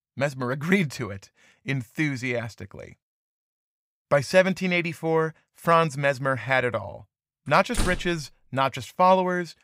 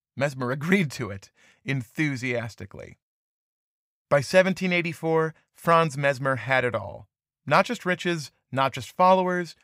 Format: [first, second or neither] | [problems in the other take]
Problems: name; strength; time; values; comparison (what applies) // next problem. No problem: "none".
second | door banging; noticeable; at 7.5 s; peak 6 dB below the speech